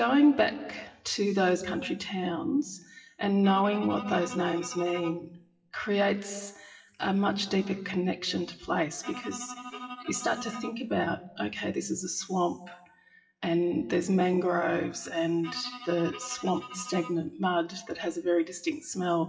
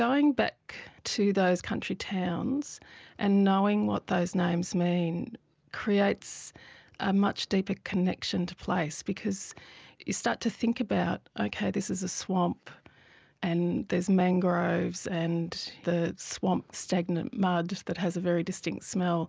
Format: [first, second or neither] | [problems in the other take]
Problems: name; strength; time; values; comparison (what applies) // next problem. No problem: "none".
second | noise reduction (classical method WPE with log-MMSE)